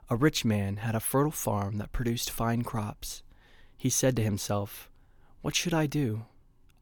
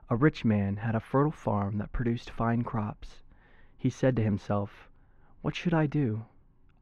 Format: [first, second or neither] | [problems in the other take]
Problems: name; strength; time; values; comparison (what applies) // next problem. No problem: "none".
first | muffled; very; fading above 2 kHz